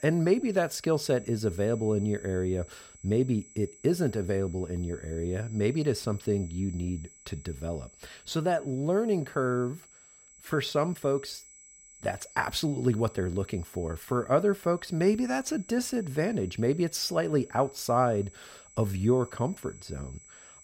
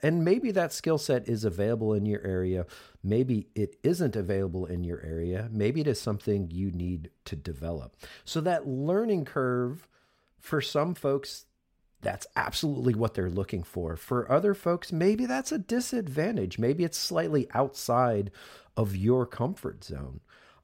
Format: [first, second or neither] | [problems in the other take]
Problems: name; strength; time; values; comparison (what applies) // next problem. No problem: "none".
second | high-pitched whine; faint; throughout; 7.5 kHz, 20 dB below the speech